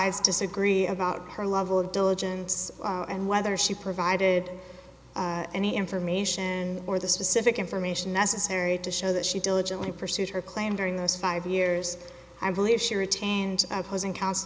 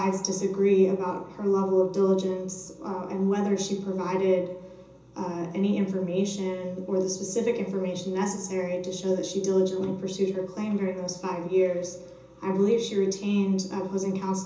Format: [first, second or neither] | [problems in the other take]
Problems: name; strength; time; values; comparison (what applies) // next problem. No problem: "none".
first | room echo; dies away in 0.6 s